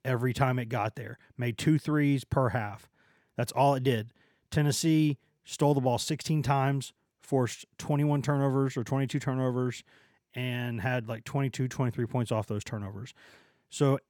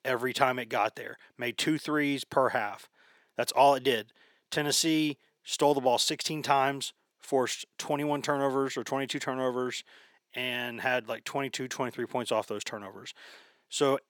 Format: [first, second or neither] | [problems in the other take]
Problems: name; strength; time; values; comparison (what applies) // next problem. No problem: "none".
first | thin; somewhat; fading below 400 Hz